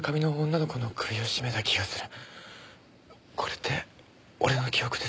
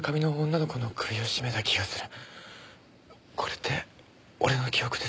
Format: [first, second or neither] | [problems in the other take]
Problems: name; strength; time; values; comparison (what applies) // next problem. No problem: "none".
second | background sound (Raindrop / Drip); 15 dB below the speech